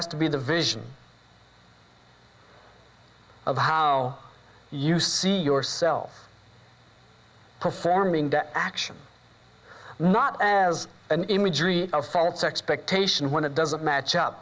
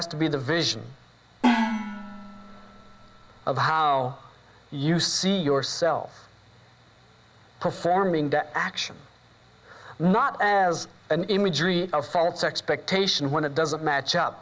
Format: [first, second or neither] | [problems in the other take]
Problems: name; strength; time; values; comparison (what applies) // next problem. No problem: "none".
first | background sound (Gong); 2 dB below the speech